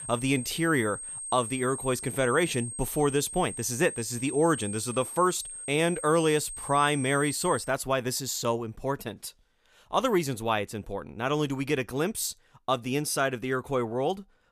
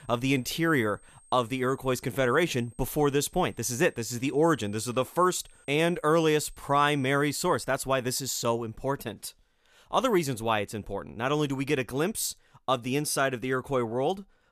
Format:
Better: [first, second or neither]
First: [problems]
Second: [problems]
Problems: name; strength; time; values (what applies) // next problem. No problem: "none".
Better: second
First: high-pitched whine; loud; until 7.5 s; 8.5 kHz, 8 dB below the speech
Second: high-pitched whine; faint; until 7.5 s; 8.5 kHz, 30 dB below the speech